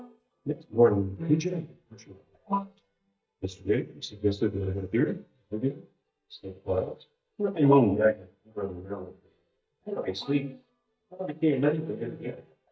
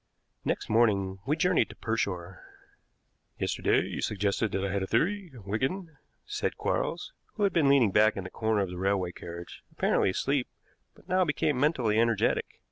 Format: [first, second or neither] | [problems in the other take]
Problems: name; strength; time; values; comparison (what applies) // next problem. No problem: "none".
second | noise reduction (neural mask model DeepFilterNet 3)